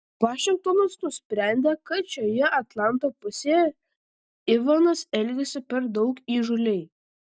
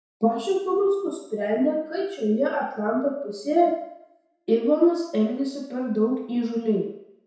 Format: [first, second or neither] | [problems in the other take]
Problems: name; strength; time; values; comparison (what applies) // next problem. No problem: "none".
first | room echo; dies away in 0.7 s